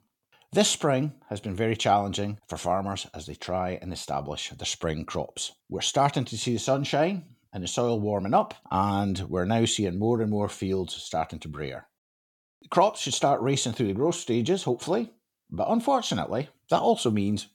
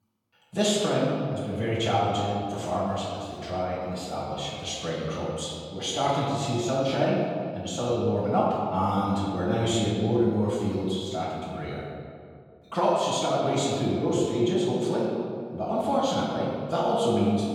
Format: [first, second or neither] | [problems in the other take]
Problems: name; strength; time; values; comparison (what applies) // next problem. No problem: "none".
first | off-mic speech; far // room echo; strong; dies away in 2 s